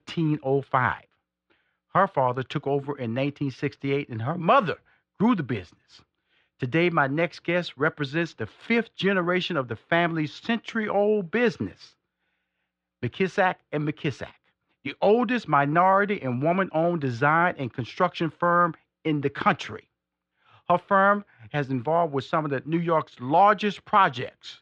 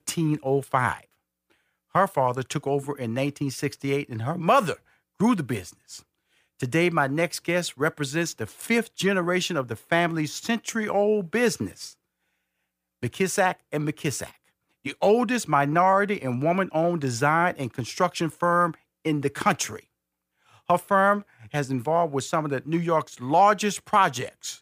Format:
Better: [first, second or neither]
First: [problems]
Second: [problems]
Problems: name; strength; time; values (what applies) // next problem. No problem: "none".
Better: second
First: muffled; slightly; fading above 3.5 kHz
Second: none